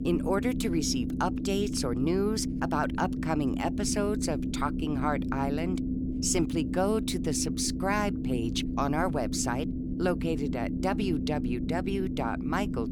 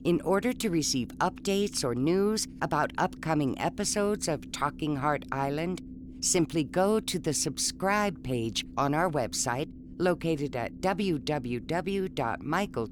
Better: second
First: low rumble; loud; throughout; 7 dB below the speech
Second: low rumble; faint; throughout; 20 dB below the speech

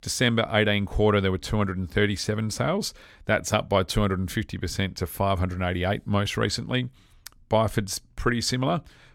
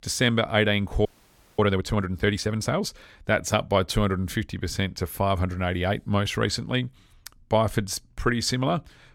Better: first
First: none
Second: audio freezing; at 1 s for 0.5 s

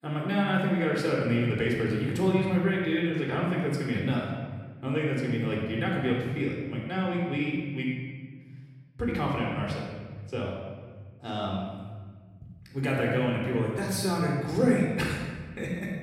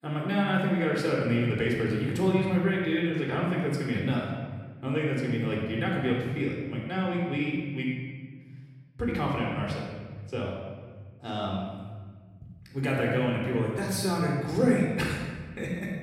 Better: neither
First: off-mic speech; somewhat distant // room echo; noticeable; dies away in 1.7 s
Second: off-mic speech; somewhat distant // room echo; noticeable; dies away in 1.7 s

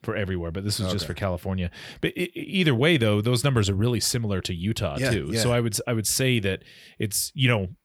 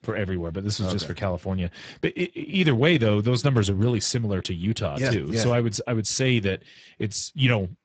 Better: first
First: none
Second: garbled, watery; badly; nothing above 8 kHz

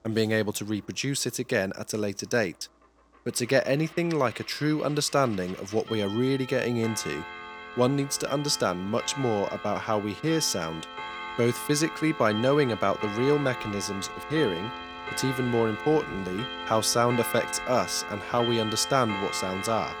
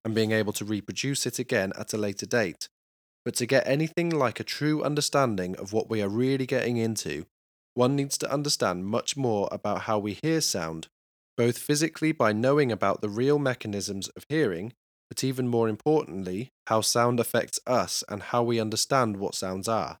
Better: second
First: household noises; loud; throughout; 9 dB below the speech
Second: none

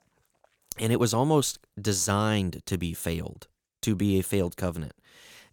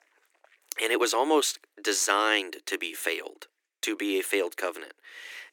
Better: first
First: none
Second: thin; very; fading below 300 Hz

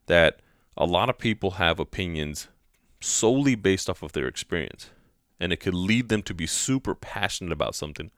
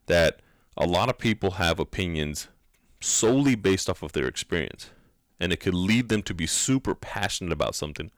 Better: first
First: none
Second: distortion; slight; 3% of the sound clipped

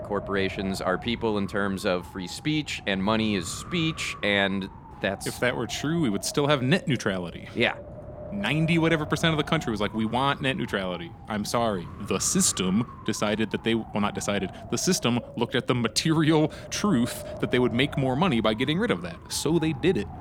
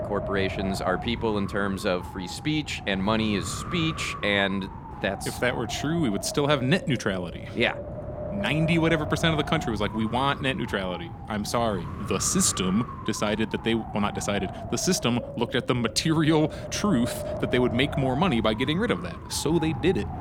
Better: first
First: wind noise on the microphone; occasional gusts; 15 dB below the speech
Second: wind noise on the microphone; heavy; 9 dB below the speech

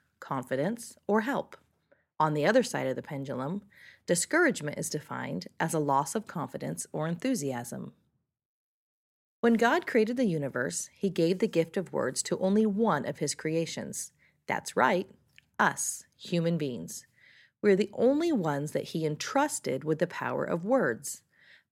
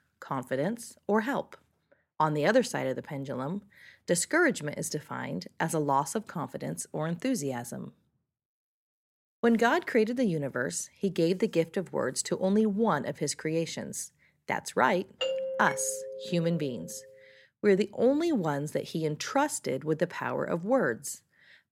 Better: first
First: none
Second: doorbell; noticeable; from 15 to 17 s; peak 2 dB below the speech

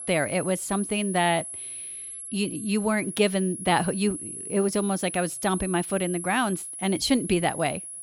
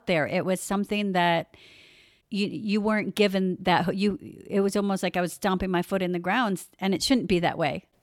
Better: second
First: high-pitched whine; loud; throughout; 10.5 kHz, 8 dB below the speech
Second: none

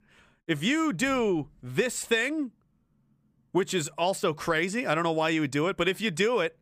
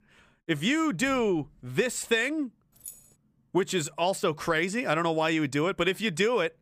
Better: first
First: none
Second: jangling keys; faint; at 3 s; peak 15 dB below the speech

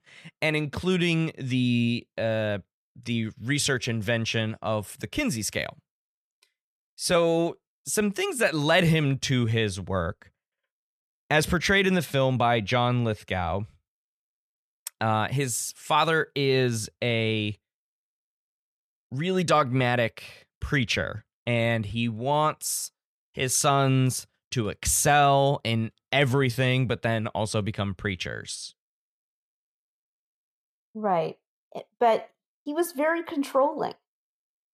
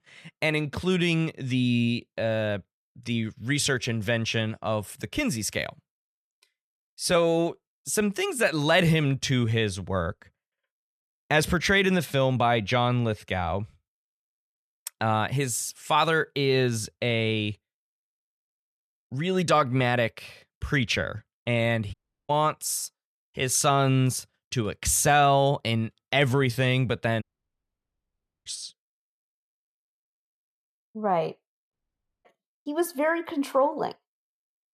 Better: first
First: none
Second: audio cutting out; at 22 s, at 27 s for 1 s and at 32 s for 0.5 s

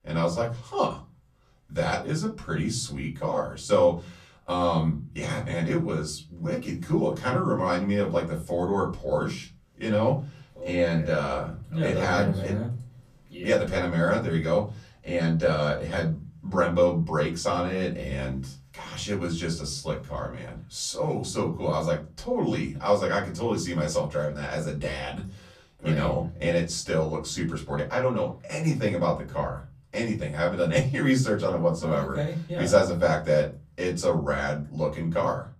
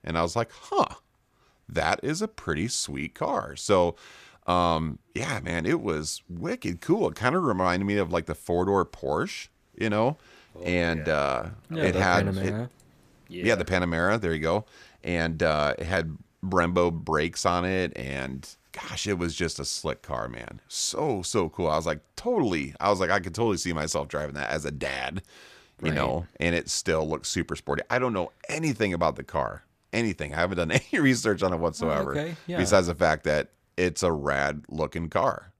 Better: second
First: off-mic speech; far // room echo; very slight; dies away in 0.4 s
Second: none

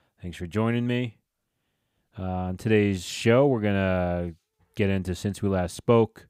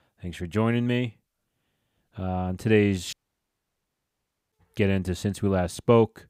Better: first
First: none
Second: audio cutting out; at 3 s for 1.5 s

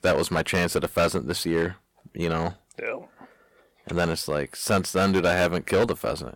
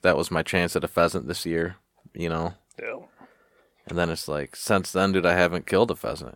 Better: second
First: distortion; heavy; 5% of the sound clipped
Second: none

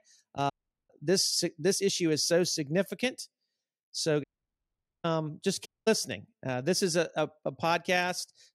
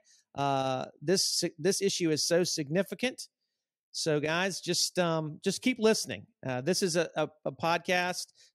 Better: second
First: audio cutting out; at 0.5 s, at 4 s for 1 s and at 5.5 s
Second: none

